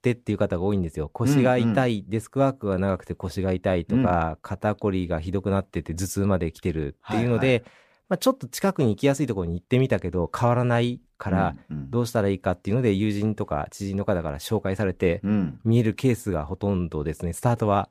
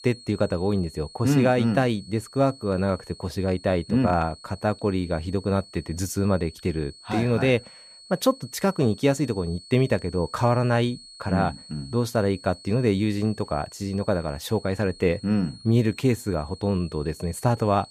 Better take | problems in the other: first | high-pitched whine; noticeable; throughout; 4.5 kHz, 20 dB below the speech

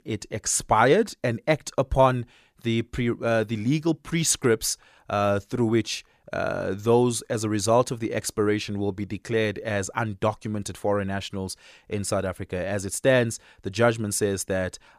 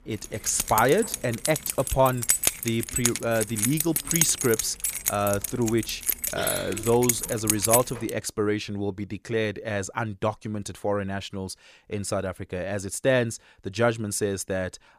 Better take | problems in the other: first | jangling keys; loud; until 8 s; peak 5 dB above the speech

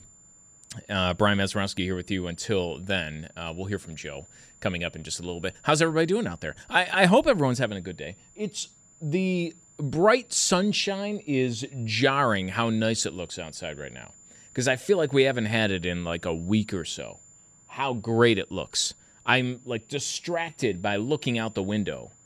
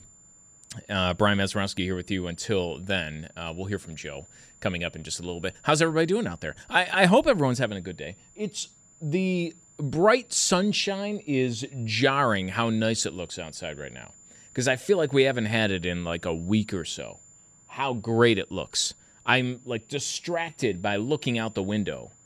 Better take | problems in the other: neither | high-pitched whine; faint; throughout; 7 kHz, 25 dB below the speech; the same in both

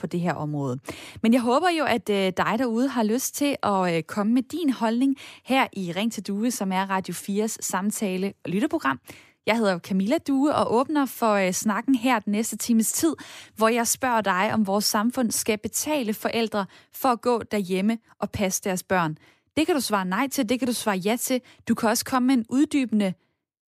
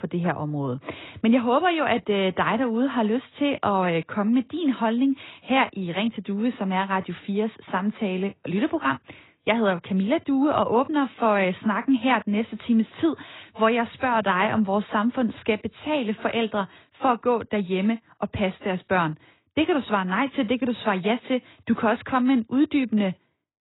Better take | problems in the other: first | garbled, watery; badly; nothing above 4 kHz

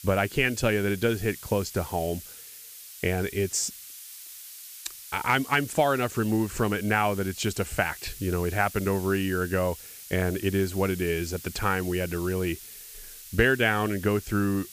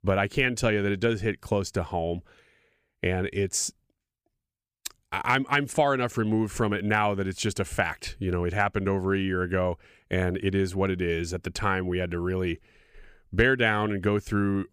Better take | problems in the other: second | hiss; noticeable; throughout; 15 dB below the speech

